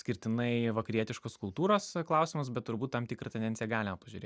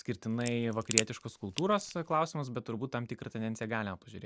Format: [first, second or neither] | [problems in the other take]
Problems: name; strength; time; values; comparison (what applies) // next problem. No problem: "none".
first | background sound (Crack); 3 dB below the speech